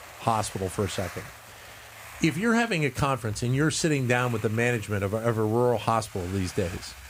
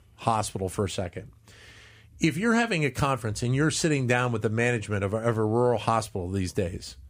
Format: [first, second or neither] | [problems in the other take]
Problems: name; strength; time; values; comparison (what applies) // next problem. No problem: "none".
second | hiss; noticeable; throughout; 15 dB below the speech